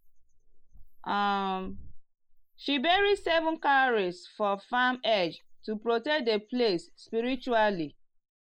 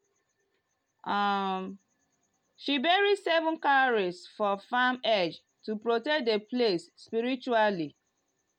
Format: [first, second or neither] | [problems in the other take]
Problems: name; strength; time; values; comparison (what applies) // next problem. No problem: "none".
second | noise reduction (neural mask model Resemble Enhance denoiser)